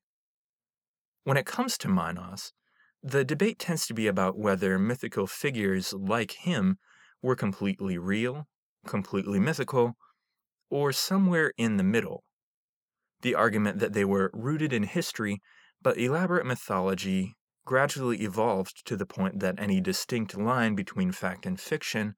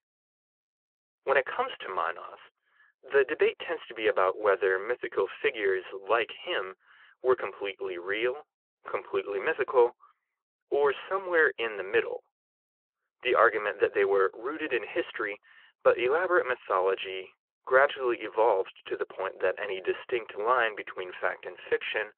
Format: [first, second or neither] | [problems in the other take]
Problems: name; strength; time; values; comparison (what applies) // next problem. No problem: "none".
first | phone-call audio